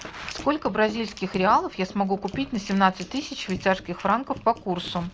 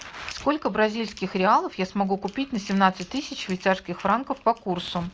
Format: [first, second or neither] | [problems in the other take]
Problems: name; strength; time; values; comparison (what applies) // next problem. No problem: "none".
second | background sound (Wind chime); 18 dB below the speech